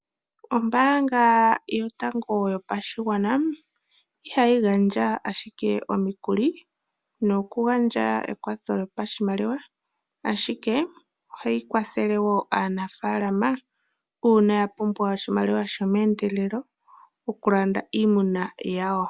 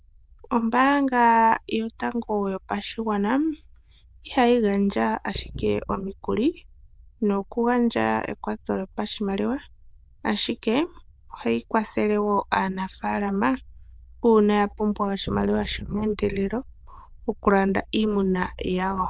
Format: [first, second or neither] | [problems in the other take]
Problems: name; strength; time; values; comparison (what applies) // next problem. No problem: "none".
first | noise reduction (neural diffusion model UNIVERSE++)